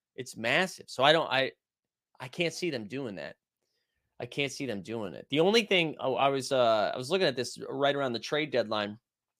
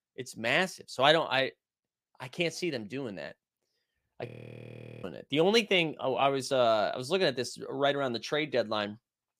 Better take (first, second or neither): first